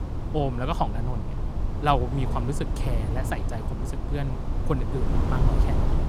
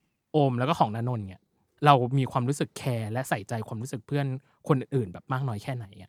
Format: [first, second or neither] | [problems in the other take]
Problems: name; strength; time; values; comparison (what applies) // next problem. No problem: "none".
second | wind noise on the microphone; heavy; 7 dB below the speech